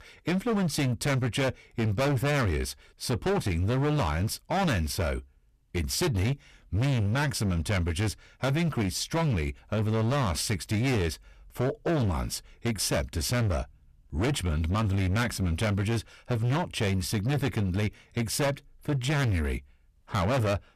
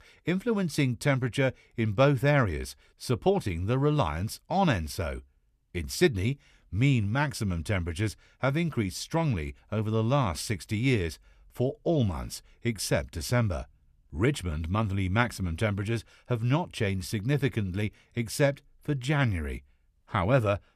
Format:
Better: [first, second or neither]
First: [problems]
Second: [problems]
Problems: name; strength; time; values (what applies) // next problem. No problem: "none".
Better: second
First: distortion; heavy; 22% of the sound clipped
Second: none